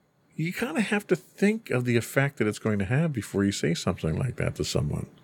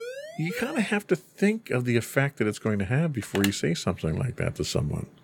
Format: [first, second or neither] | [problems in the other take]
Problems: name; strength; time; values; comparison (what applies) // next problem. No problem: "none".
first | siren; faint; at the start; peak 10 dB below the speech // phone ringing; noticeable; at 3 s; peak 5 dB below the speech